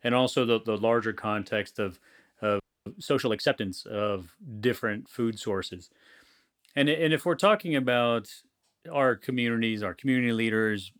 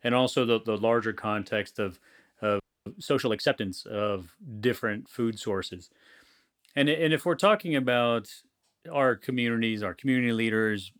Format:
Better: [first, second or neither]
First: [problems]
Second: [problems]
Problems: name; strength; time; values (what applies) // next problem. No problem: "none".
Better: neither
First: audio freezing; at 2.5 s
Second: audio freezing; at 2.5 s